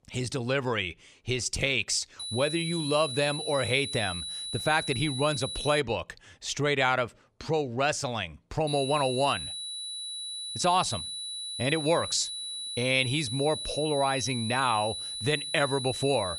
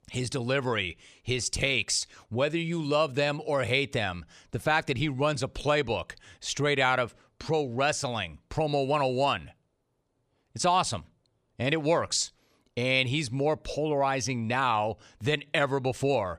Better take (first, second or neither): second